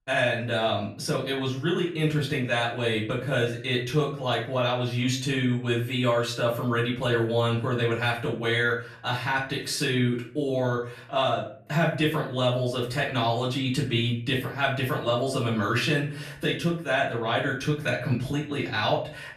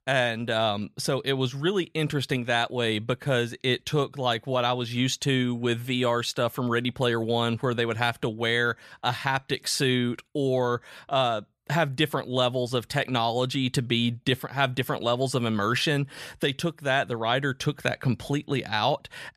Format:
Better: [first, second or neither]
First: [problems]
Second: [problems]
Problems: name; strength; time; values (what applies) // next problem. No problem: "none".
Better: second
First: off-mic speech; far // room echo; slight; dies away in 0.4 s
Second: none